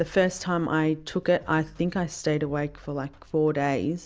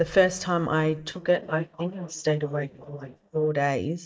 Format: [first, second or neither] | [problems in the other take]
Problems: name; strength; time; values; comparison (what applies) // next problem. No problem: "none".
first | noise reduction (neural mask model DeepFilterNet 3)